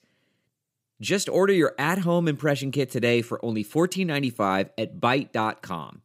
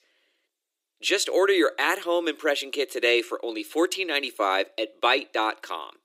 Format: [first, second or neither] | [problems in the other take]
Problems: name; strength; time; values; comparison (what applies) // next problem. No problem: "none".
first | thin; very; fading below 300 Hz